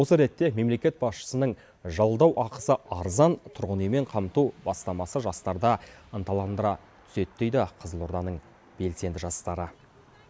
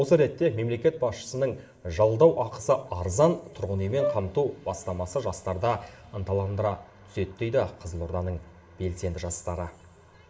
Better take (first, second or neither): first